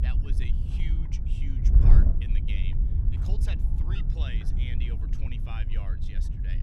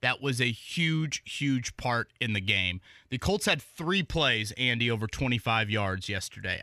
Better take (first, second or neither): second